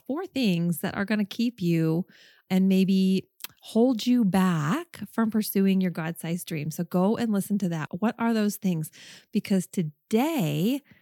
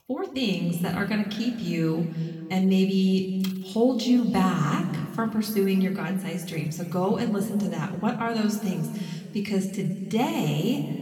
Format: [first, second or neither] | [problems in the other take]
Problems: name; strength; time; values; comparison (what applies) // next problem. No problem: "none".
first | room echo; noticeable; dies away in 2 s // off-mic speech; somewhat distant